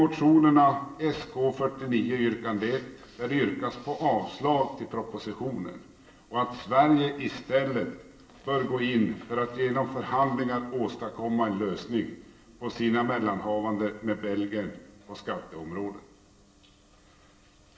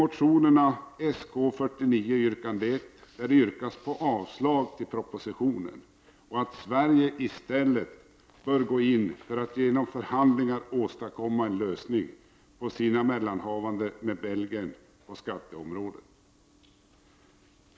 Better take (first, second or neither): second